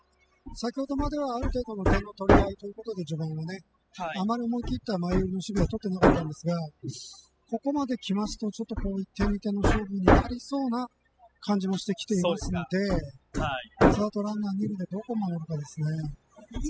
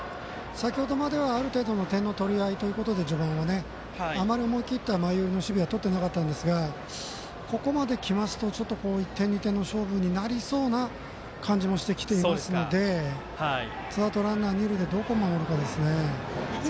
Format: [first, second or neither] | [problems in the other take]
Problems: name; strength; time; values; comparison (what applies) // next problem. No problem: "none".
second | noise reduction (classical method spectral subtraction)